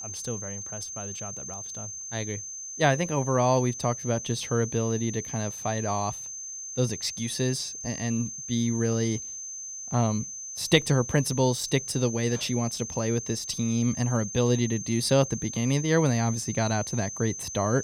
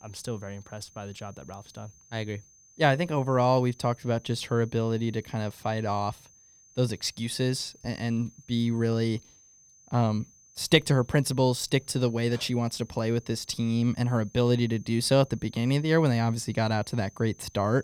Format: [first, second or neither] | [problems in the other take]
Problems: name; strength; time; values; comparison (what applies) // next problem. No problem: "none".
second | high-pitched whine; loud; throughout; 6.5 kHz, 8 dB below the speech; faint in the second